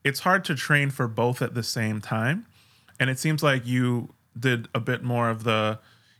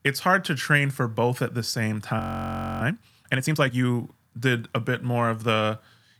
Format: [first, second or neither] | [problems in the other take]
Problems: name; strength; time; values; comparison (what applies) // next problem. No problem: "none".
first | audio freezing; at 2 s for 0.5 s